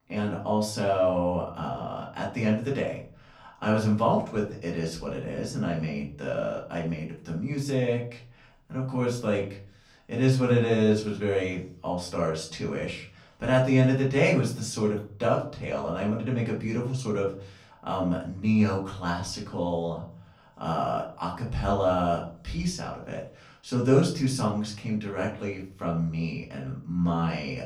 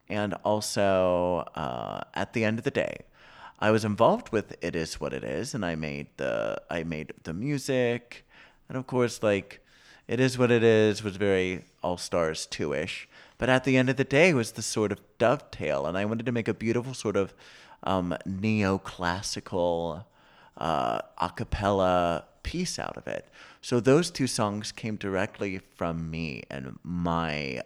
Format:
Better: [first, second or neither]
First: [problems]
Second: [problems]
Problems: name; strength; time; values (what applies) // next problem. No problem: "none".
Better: second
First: off-mic speech; far // room echo; slight; dies away in 0.5 s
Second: none